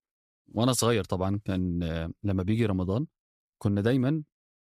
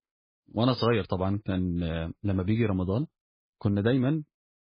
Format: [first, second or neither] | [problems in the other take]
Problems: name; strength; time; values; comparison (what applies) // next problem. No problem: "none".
first | garbled, watery; badly